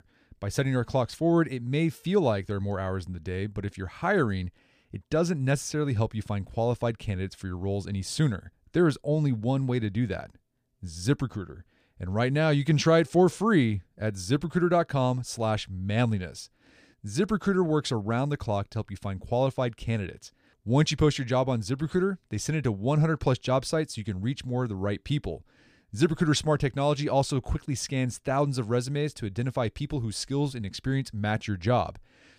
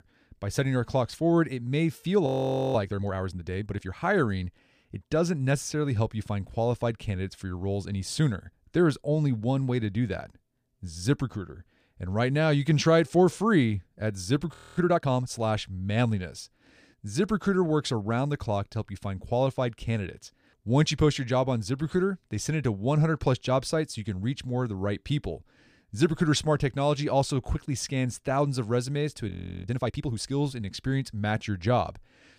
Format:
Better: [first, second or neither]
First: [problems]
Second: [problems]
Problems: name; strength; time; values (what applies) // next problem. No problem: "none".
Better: first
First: none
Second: audio freezing; at 2.5 s, at 15 s and at 29 s